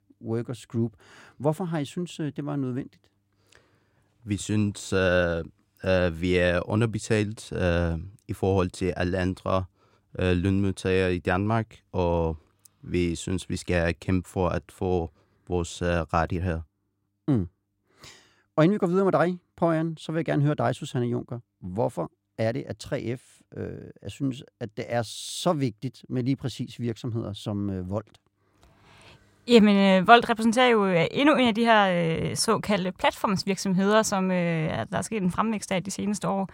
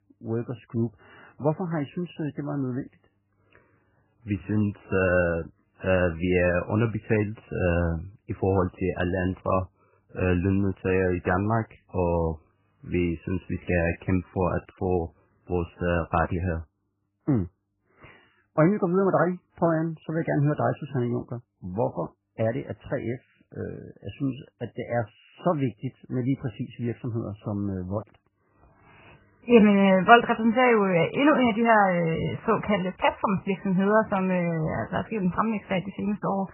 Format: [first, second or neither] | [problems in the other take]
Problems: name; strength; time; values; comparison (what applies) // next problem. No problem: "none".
first | garbled, watery; badly; nothing above 3 kHz